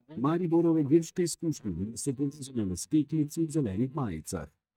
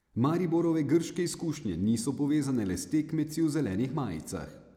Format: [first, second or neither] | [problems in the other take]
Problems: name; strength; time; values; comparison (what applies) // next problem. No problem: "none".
second | noise reduction (neural mask model DeepFilterNet 3)